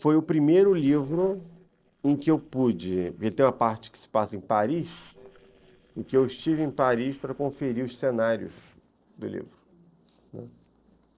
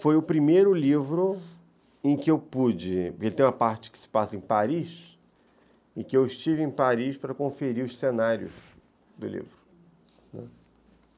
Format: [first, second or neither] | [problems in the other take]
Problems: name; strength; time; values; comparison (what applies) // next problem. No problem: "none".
second | noise reduction (neural separator model SepFormer DNS4)